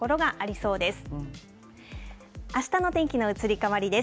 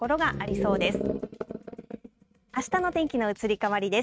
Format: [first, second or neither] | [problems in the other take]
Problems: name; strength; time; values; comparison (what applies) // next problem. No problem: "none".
first | noise reduction (neural mask model RNNoise)